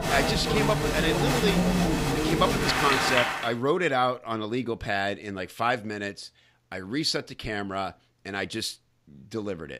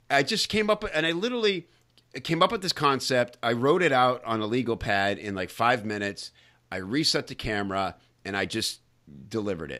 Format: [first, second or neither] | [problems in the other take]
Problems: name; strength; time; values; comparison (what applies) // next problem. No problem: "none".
second | crowd noise; very loud; until 3.5 s; 3 dB above the speech